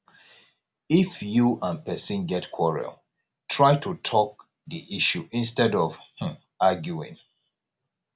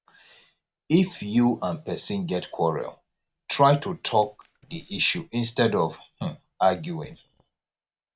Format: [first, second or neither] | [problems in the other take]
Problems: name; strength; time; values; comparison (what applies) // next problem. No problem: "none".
first | noise reduction (neural mask model RNNoise)